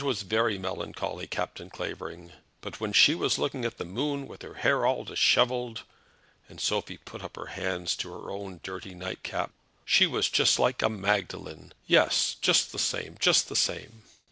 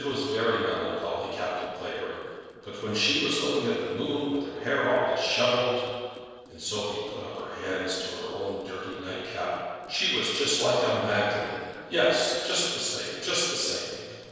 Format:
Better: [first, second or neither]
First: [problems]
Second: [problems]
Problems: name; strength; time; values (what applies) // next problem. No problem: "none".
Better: first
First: none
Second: noise reduction (neural separator model SepFormer DNS4)